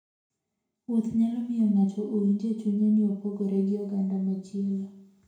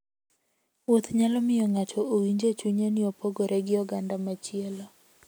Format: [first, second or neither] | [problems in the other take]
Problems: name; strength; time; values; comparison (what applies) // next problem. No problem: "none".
second | room echo; dies away in 0.5 s